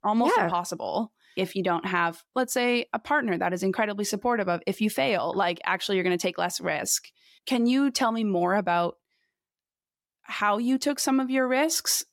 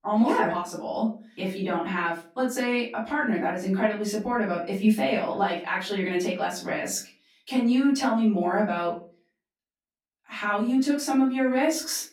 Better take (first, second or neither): first